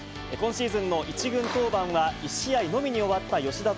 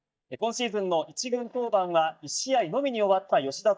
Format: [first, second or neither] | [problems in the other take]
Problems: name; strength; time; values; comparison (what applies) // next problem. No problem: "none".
first | noise reduction (neural mask model DeepFilterNet 3)